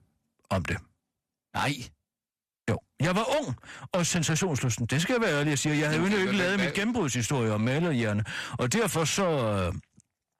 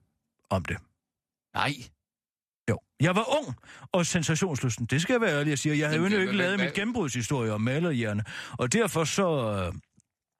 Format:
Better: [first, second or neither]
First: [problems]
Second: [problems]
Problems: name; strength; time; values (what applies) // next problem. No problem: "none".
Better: second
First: distortion; slight; 10 dB below the speech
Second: none